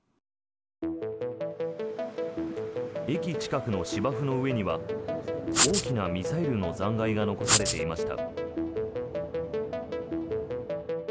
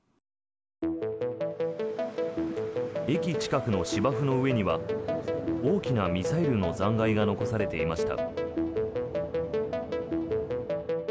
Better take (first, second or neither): second